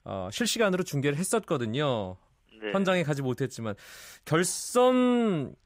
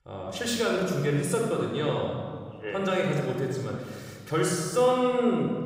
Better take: first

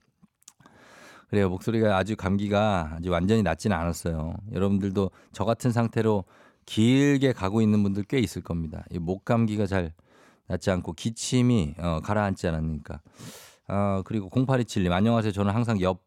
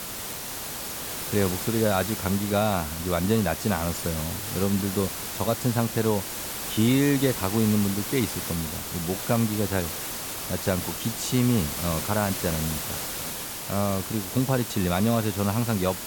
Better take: first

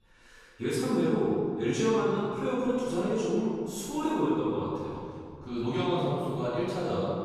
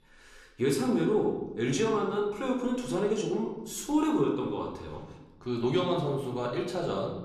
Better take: second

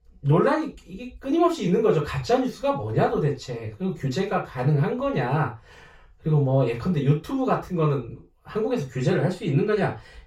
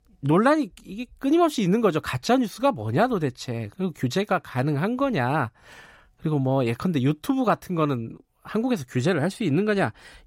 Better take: second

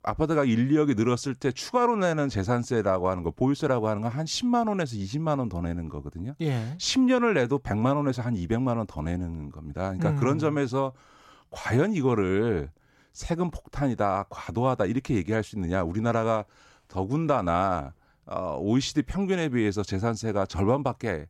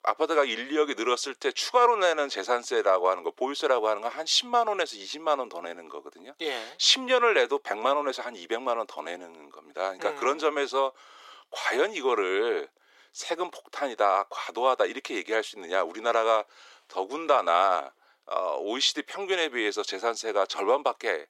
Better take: first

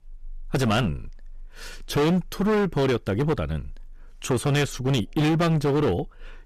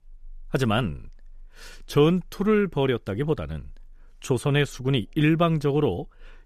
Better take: second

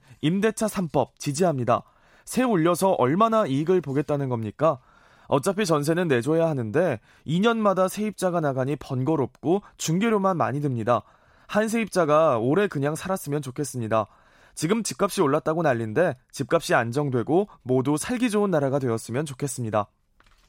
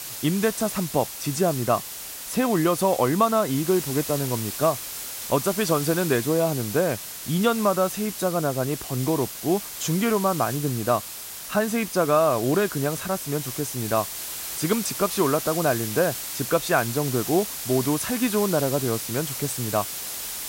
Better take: first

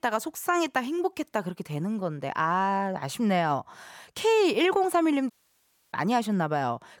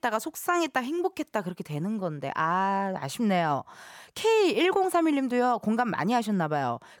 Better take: second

